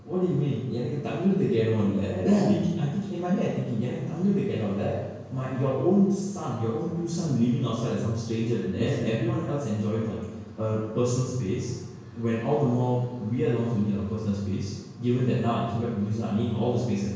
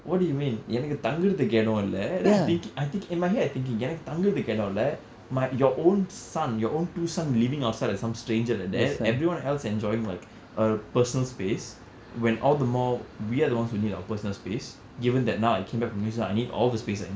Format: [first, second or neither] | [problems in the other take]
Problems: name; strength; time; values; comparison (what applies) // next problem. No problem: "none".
second | room echo; dies away in 1 s